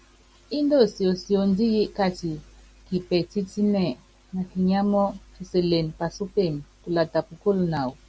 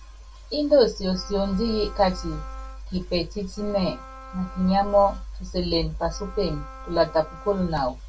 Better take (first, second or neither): first